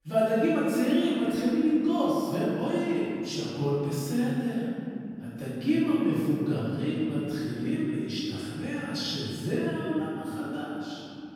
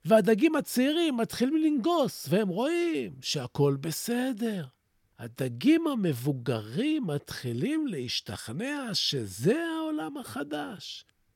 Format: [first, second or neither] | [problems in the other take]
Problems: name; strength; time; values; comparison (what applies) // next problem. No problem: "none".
second | room echo; strong; dies away in 2.5 s // off-mic speech; far